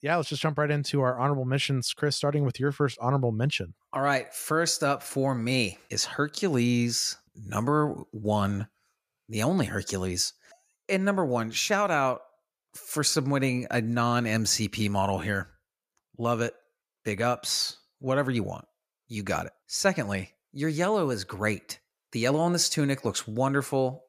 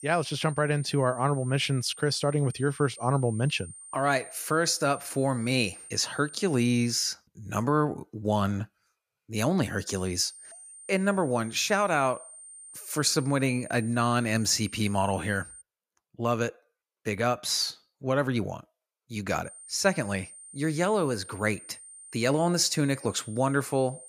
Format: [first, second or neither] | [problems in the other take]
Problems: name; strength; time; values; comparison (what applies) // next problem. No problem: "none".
first | high-pitched whine; noticeable; until 7 s, from 10 to 16 s and from 19 s on; 9 kHz, 15 dB below the speech